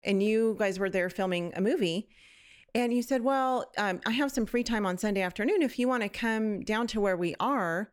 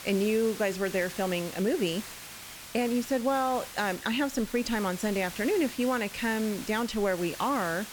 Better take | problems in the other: first | hiss; noticeable; throughout; 10 dB below the speech

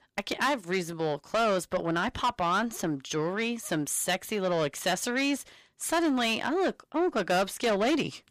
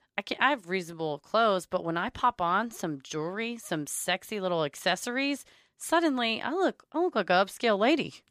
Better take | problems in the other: second | distortion; heavy; 8 dB below the speech

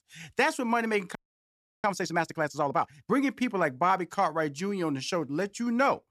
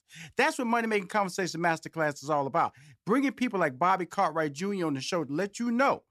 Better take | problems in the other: second | audio freezing; at 1 s for 0.5 s

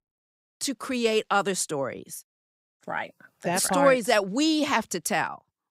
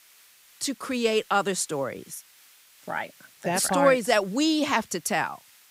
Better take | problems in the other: first | hiss; faint; throughout; 25 dB below the speech

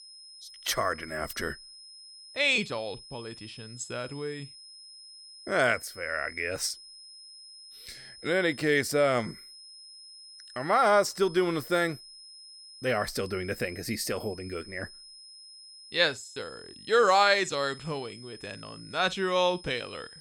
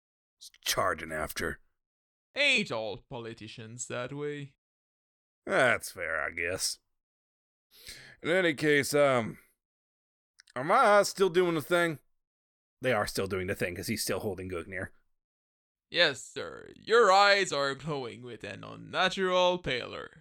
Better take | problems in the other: second | high-pitched whine; noticeable; throughout; 5 kHz, 20 dB below the speech

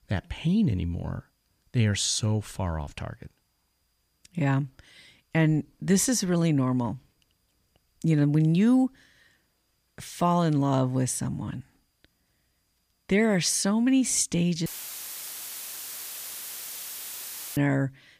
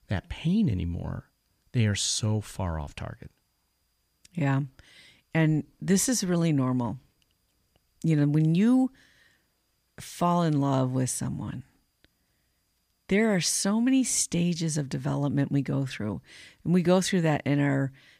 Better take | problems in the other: second | audio cutting out; filled with static; at 15 s for 3 s

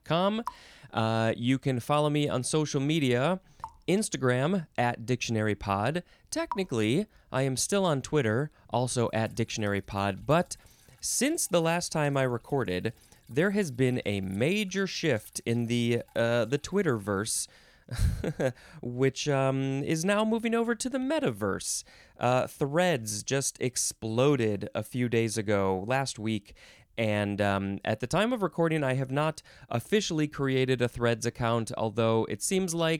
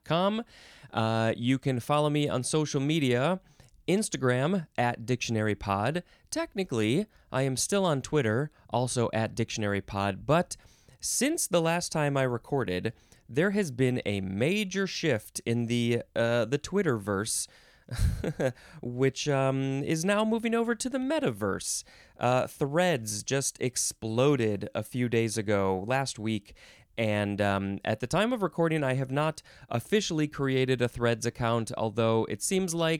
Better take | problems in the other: second | rain or running water; faint; until 18 s; 20 dB below the speech

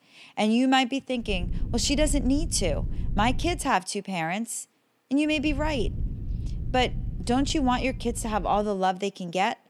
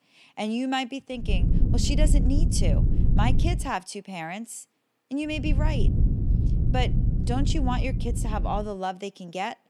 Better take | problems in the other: first | low rumble; loud; from 1.5 to 3.5 s and from 5.5 to 8.5 s; 7 dB below the speech; faint in the first

